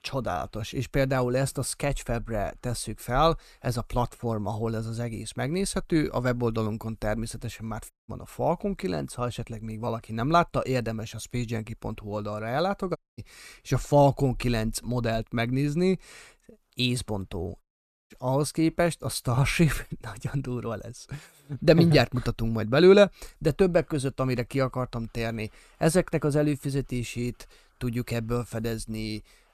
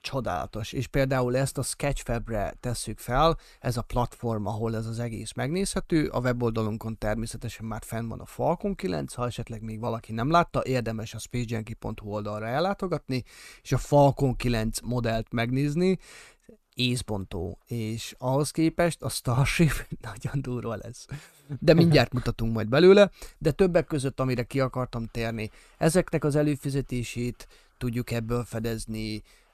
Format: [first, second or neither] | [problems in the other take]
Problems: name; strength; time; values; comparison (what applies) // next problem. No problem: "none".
second | audio cutting out; at 8 s, at 13 s and at 18 s